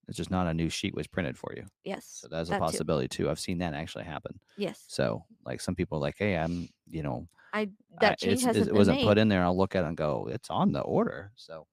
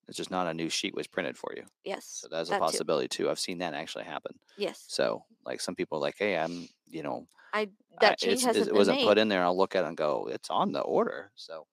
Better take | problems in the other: first | thin; somewhat; fading below 350 Hz

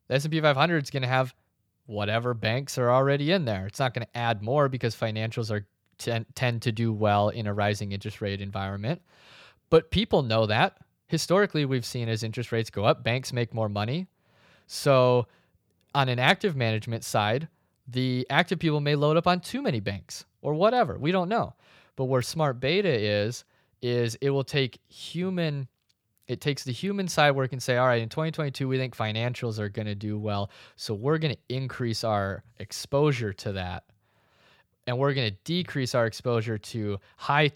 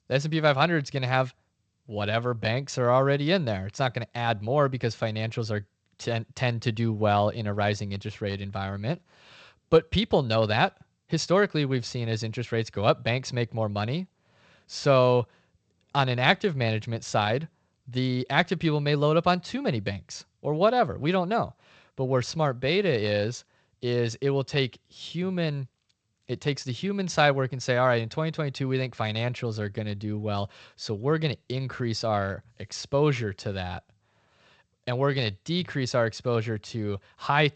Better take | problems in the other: first | garbled, watery; slightly; nothing above 7.5 kHz

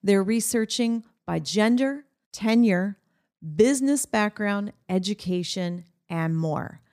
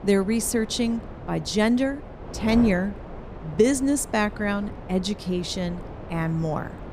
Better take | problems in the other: first | wind noise on the microphone; occasional gusts; 15 dB below the speech

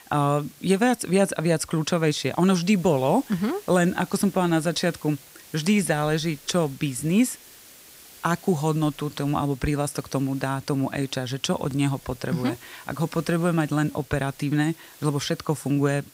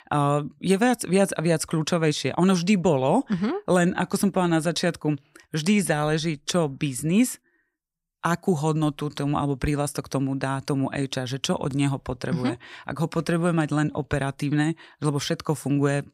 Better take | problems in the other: second | hiss; faint; throughout; 20 dB below the speech

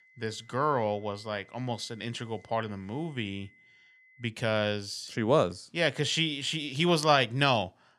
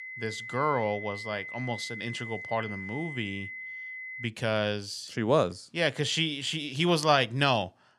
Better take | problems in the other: first | high-pitched whine; loud; until 4.5 s; 2 kHz, 9 dB below the speech; faint in the first

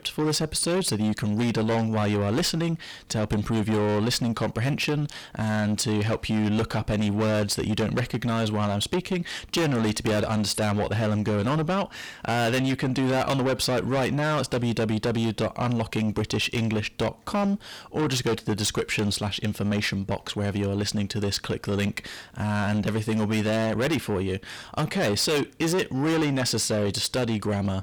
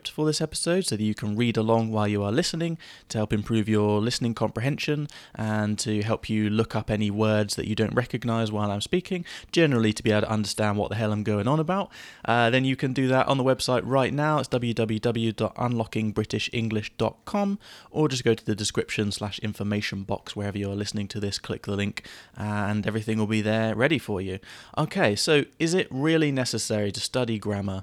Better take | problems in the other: second | distortion; heavy; 7 dB below the speech

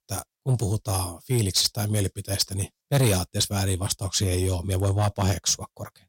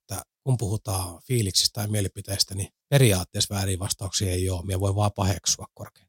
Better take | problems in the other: second | distortion; slight; 10 dB below the speech

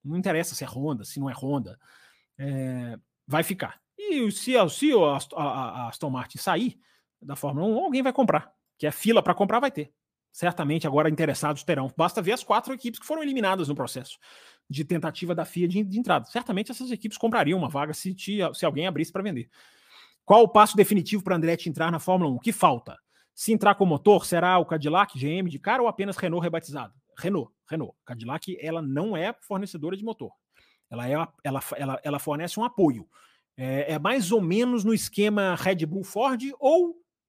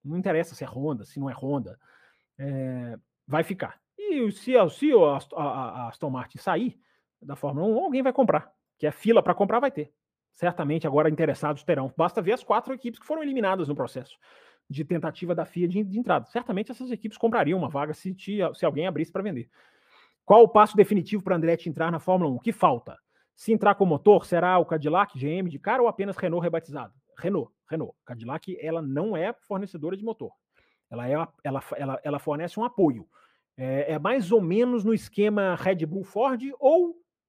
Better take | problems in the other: first | muffled; slightly; fading above 3.5 kHz

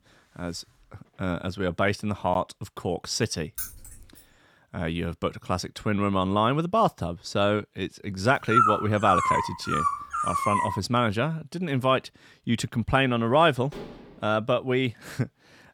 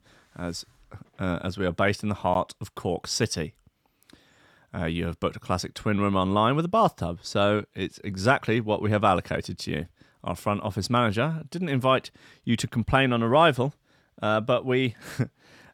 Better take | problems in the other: second | jangling keys; noticeable; at 3.5 s; peak 8 dB below the speech // dog barking; loud; from 8.5 to 11 s; peak 5 dB above the speech // clattering dishes; faint; at 14 s; peak 15 dB below the speech

